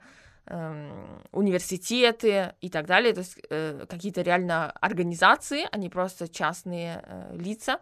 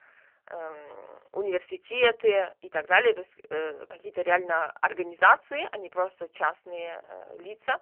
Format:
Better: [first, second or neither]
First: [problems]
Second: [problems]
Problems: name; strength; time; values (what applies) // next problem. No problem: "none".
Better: first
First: none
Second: phone-call audio; poor line; nothing above 3 kHz